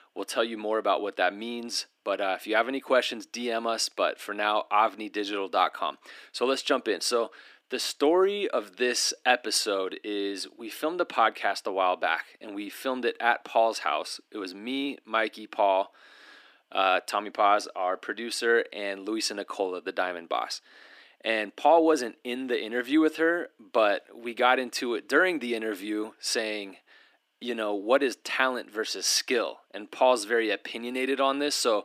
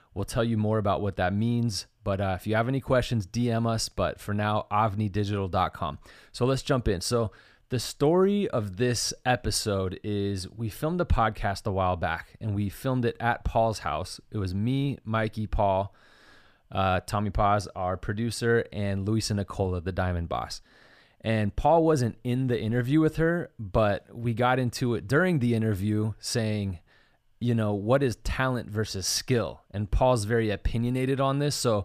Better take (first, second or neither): second